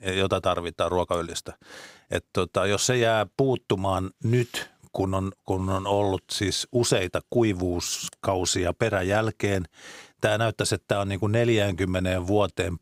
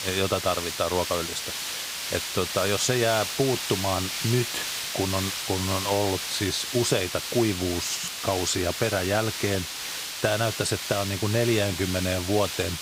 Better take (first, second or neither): first